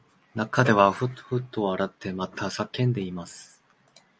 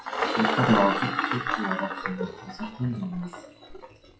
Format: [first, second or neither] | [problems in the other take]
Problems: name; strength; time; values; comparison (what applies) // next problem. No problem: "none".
first | noise reduction (classical method WPE with log-MMSE)